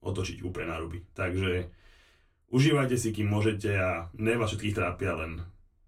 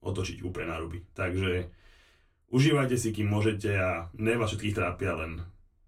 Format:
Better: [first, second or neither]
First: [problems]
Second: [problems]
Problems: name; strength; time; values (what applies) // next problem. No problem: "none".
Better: neither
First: off-mic speech; far // room echo; very slight; dies away in 0.2 s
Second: off-mic speech; far // room echo; very slight; dies away in 0.2 s